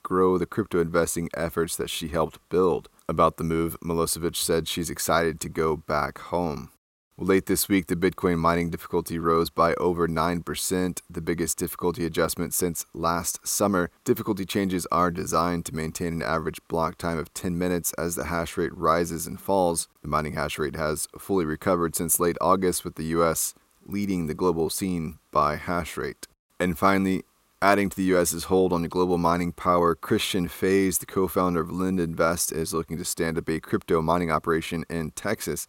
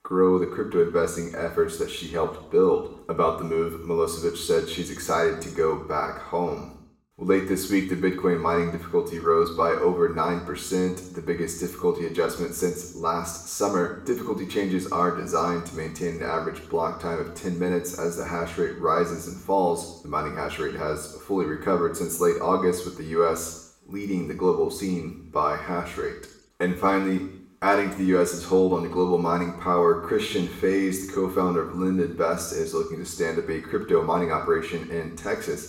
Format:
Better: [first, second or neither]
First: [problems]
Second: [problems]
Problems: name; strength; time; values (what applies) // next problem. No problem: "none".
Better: first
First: none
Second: room echo; noticeable; dies away in 0.7 s // off-mic speech; far